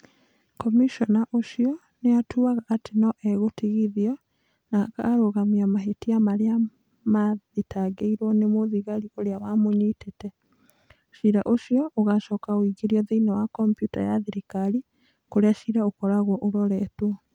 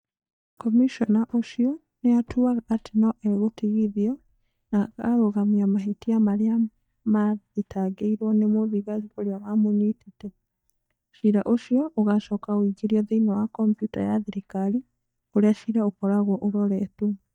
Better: first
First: none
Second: noise reduction (neural mask model DeepFilterNet 3)

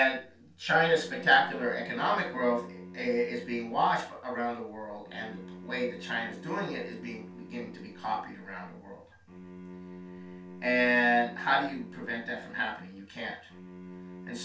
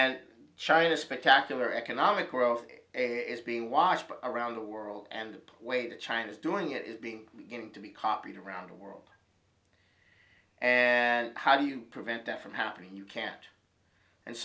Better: second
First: background sound (Bowed string instrument); 15 dB below the speech // room echo; dies away in 0.3 s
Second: none

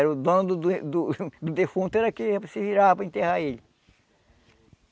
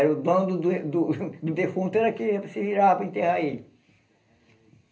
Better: first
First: none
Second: room echo; dies away in 0.3 s

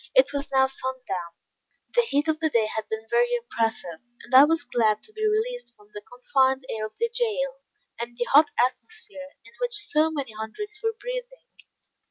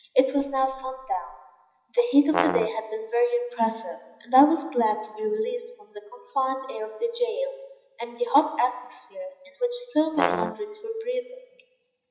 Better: first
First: none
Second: background sound (Brass instrument); 2 dB below the speech // room echo; dies away in 0.9 s

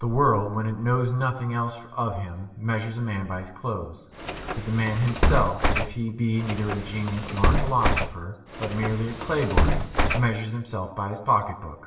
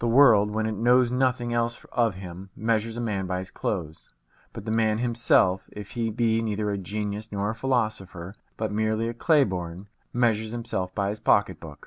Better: second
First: background sound (Bus); 2 dB above the speech // room echo; dies away in 1.1 s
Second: none

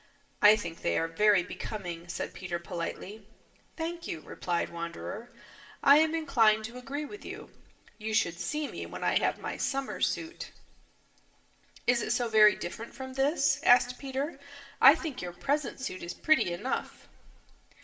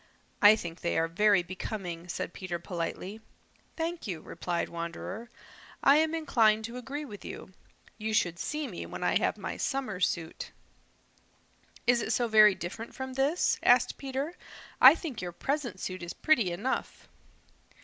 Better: second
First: room echo; dies away in 0.8 s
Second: none

